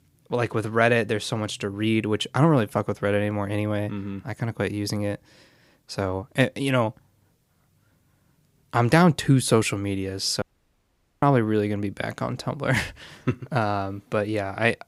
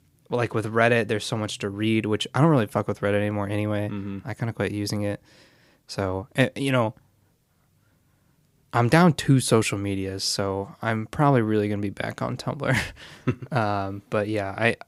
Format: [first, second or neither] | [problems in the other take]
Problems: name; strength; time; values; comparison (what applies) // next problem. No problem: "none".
second | audio cutting out; at 10 s for 1 s